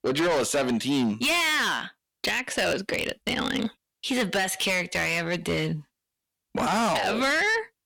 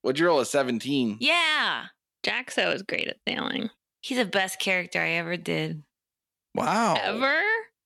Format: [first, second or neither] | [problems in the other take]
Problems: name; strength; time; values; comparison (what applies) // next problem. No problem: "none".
second | distortion; heavy; 7 dB below the speech